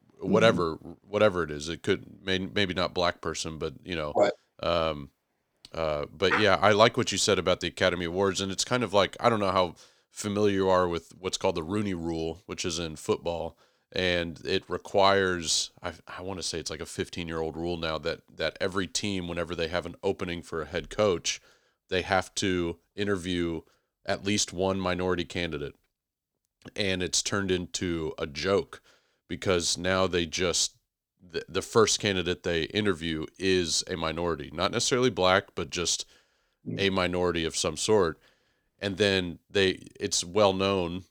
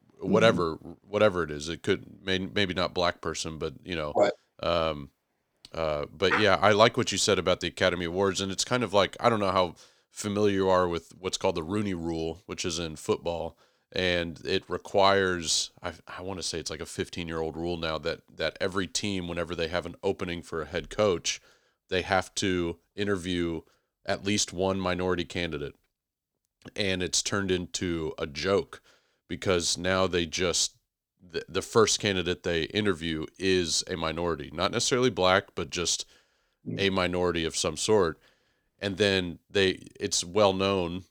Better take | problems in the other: neither | none

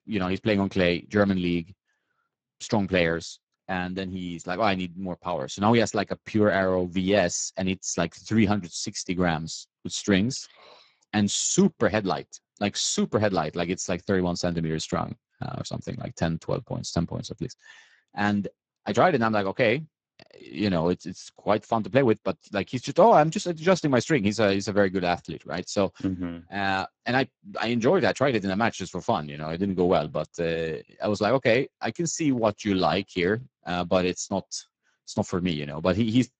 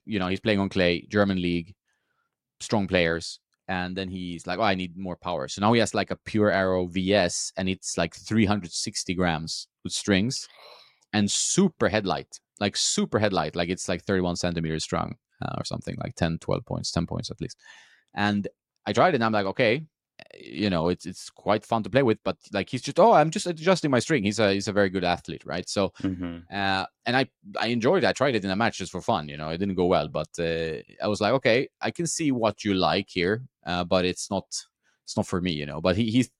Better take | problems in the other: second | garbled, watery; badly; nothing above 7.5 kHz

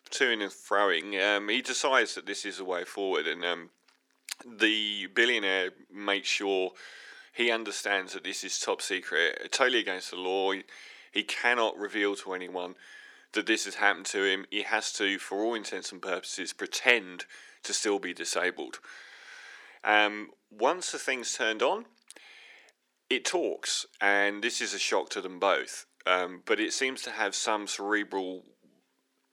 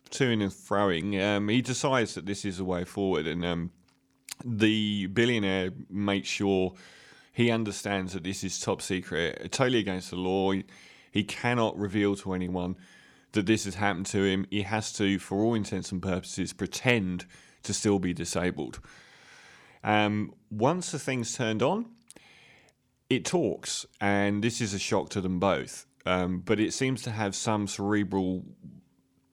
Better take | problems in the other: second | thin; very; fading below 350 Hz

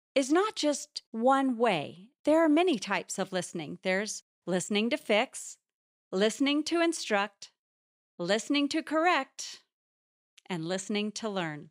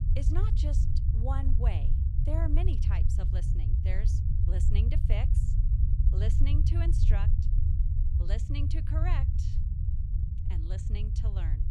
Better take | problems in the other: first | low rumble; loud; throughout; 2 dB below the speech

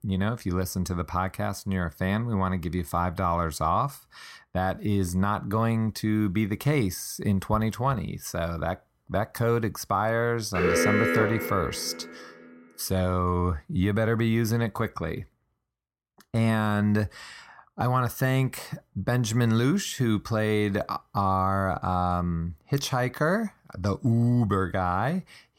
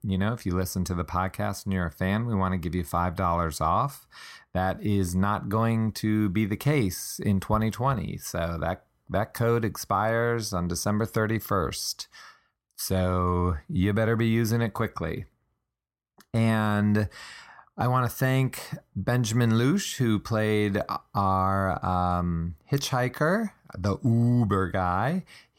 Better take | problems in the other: second | alarm; loud; from 11 to 12 s; peak 4 dB above the speech

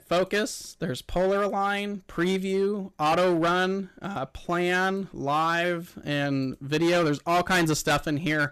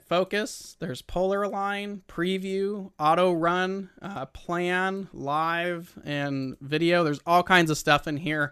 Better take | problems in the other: second | distortion; heavy; 10% of the sound clipped

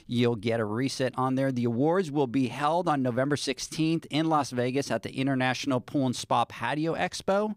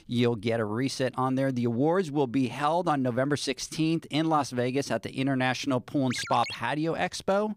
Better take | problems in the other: first | phone ringing; noticeable; at 6 s; peak 7 dB below the speech

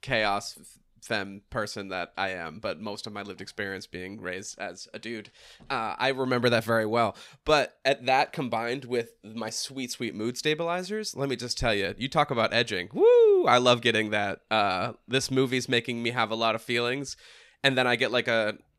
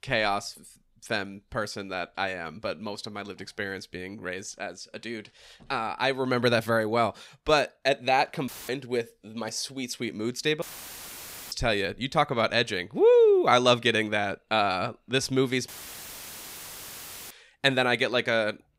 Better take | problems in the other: first | audio cutting out; filled with static; at 8.5 s, at 11 s for 1 s and at 16 s for 1.5 s

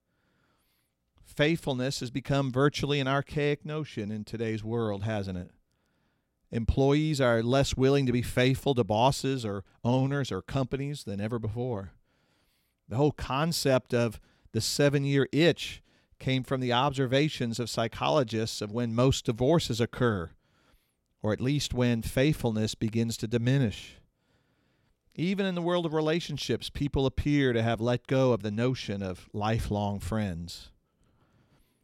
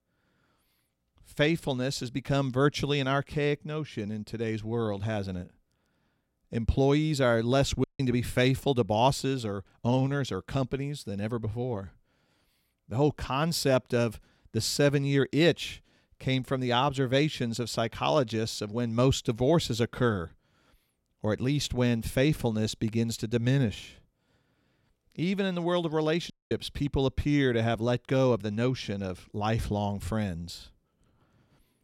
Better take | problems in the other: first | audio cutting out; at 8 s and at 26 s

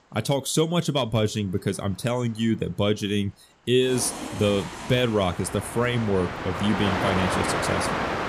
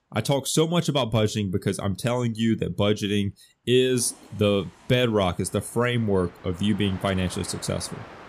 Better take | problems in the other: second | train or aircraft noise; loud; throughout; 4 dB below the speech; faint in the second

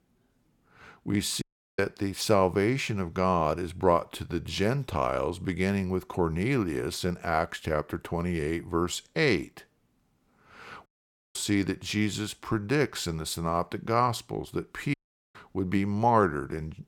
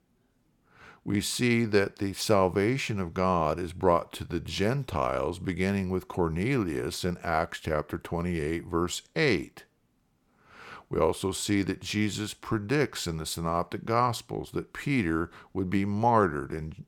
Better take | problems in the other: second | audio cutting out; at 1.5 s, at 11 s and at 15 s

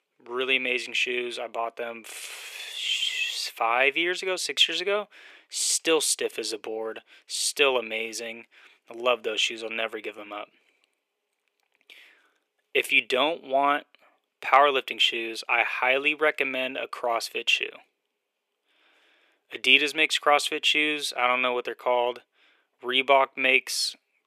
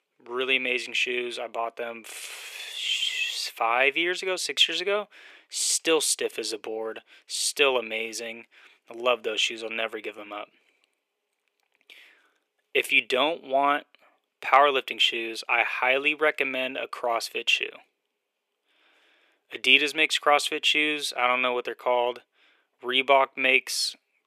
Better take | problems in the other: neither | thin; very; fading below 400 Hz; the same in both

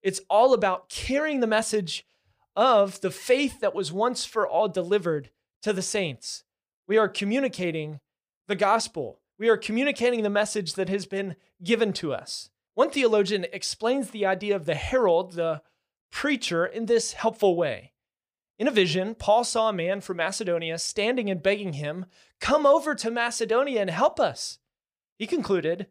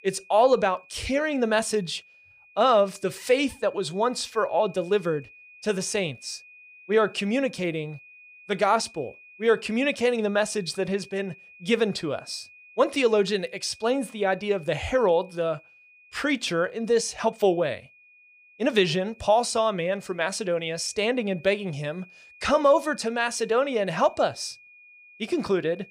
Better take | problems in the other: first | high-pitched whine; faint; throughout; 2.5 kHz, 25 dB below the speech

